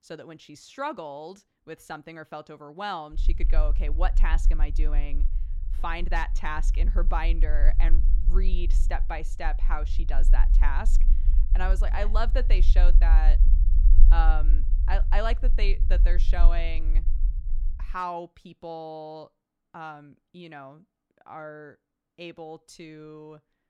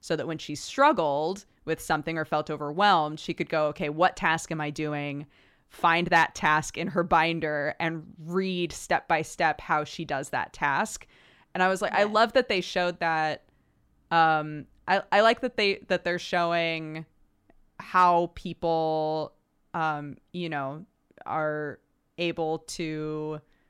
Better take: second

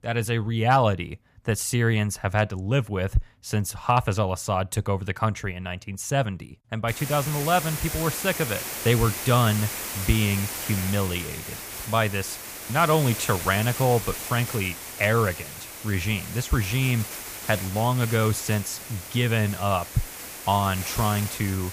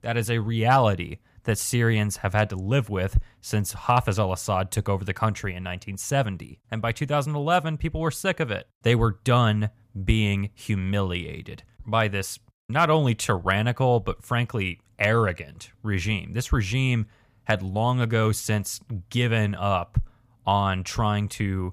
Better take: second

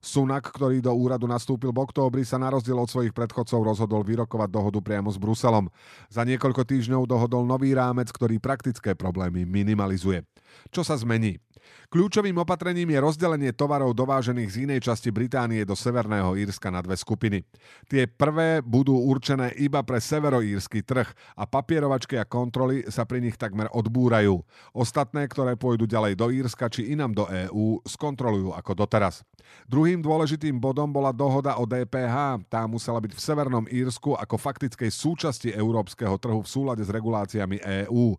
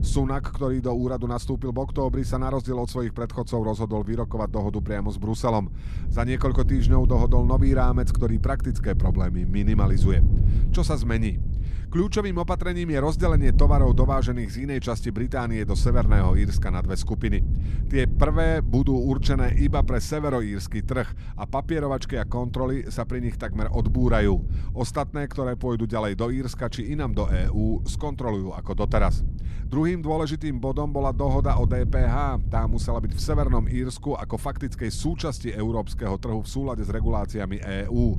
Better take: first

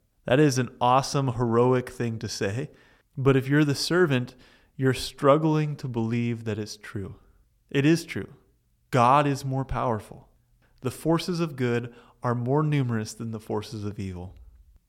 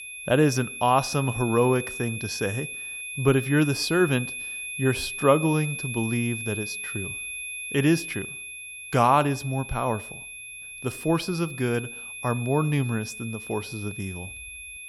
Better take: first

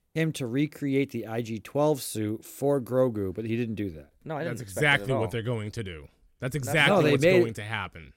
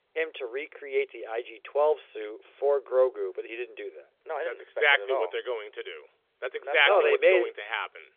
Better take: first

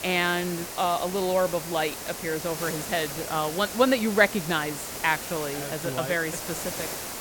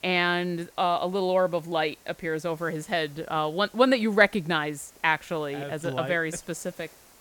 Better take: second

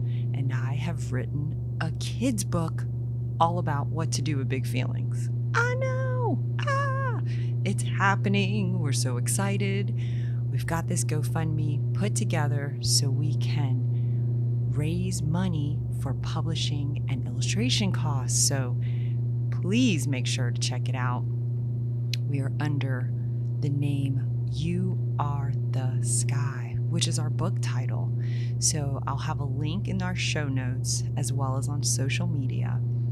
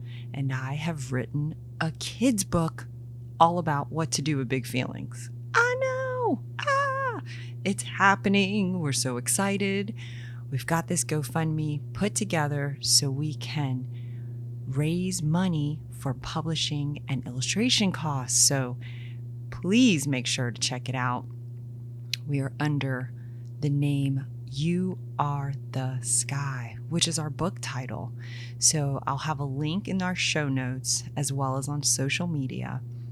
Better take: second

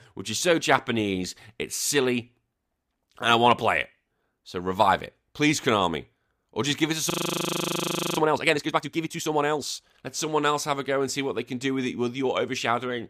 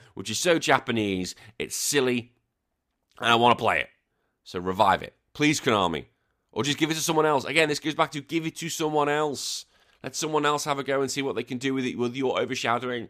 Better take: second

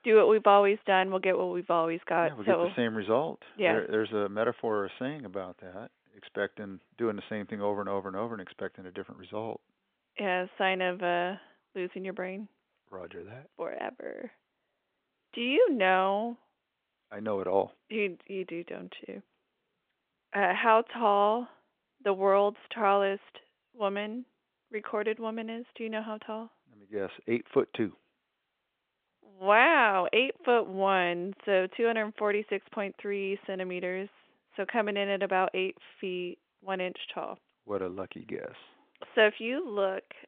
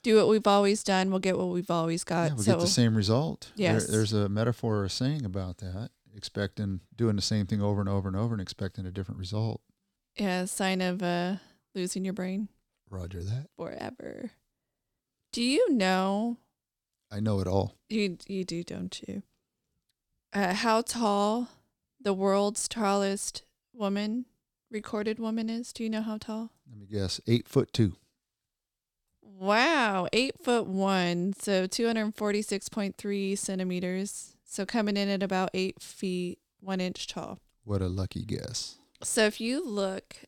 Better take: second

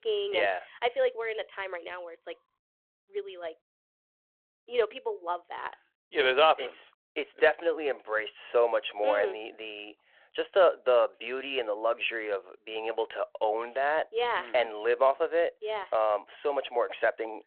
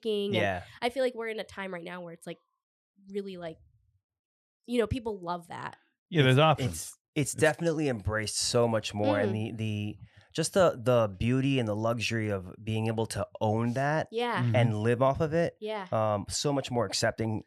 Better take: second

